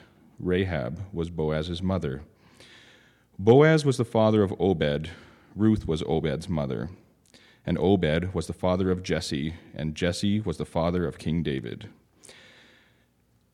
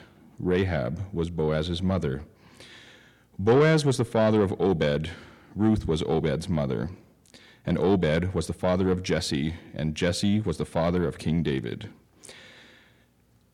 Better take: first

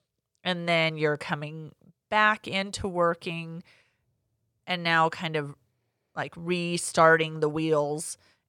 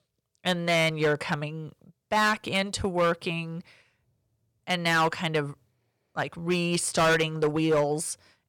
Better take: first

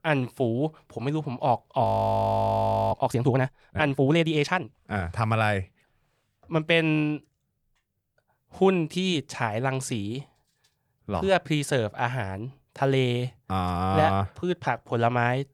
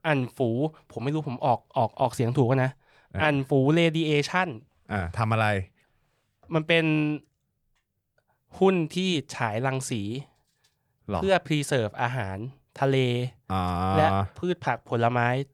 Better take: second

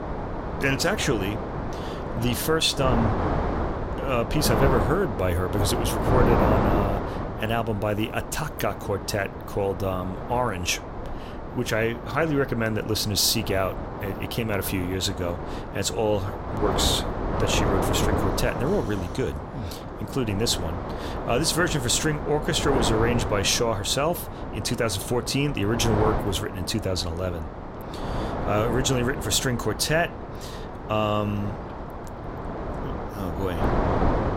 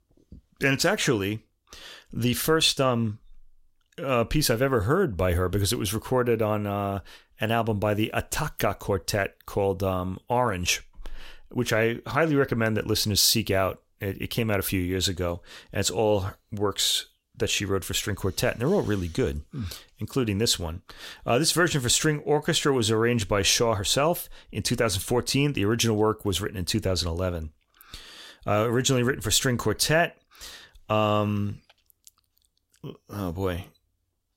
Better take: second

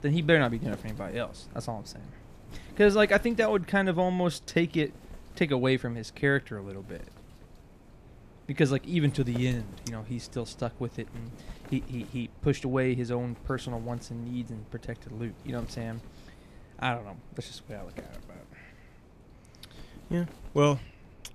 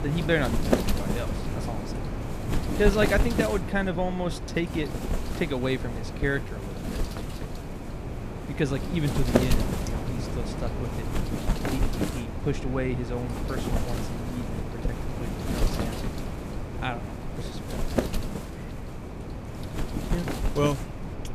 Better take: first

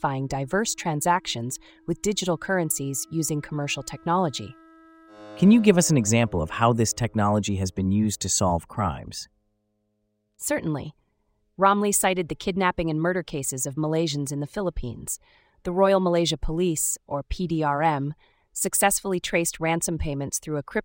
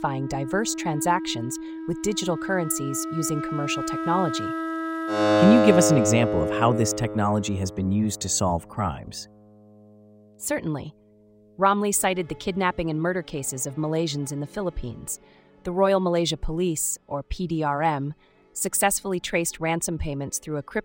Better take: first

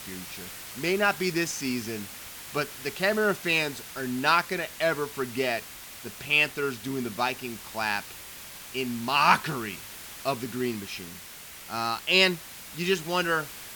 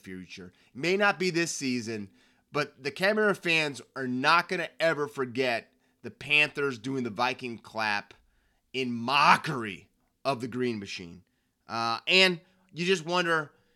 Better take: second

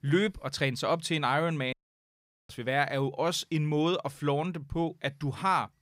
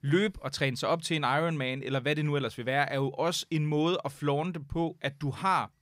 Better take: second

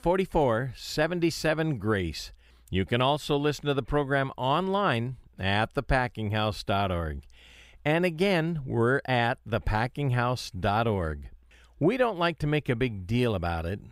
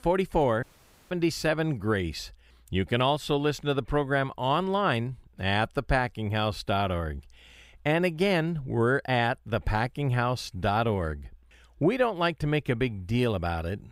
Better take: first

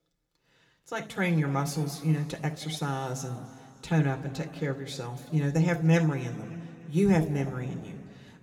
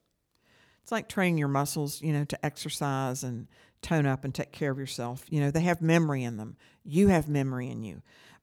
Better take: second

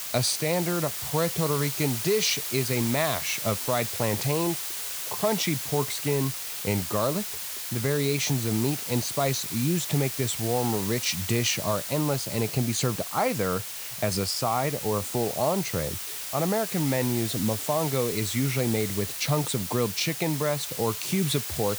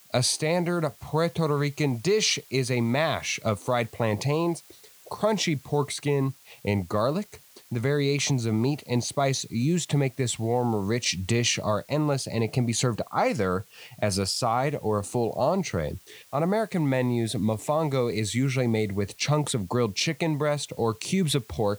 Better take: second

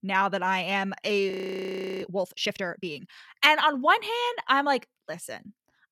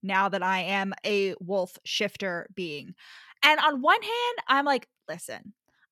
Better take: second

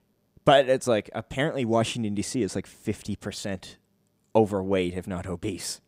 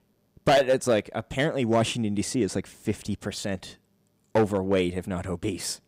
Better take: first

